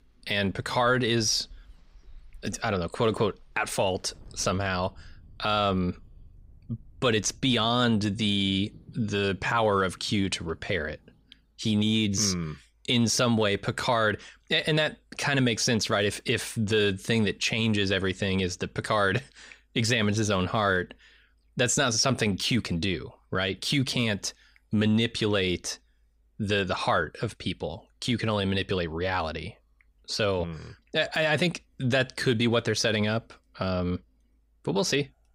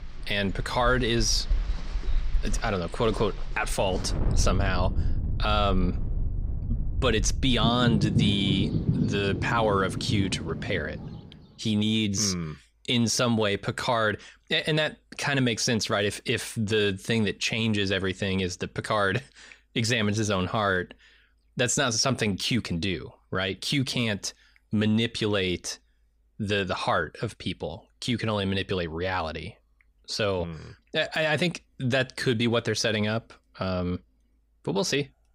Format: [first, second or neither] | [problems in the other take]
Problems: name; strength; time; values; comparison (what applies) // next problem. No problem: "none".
first | rain or running water; loud; until 11 s; 4 dB below the speech; faint in the first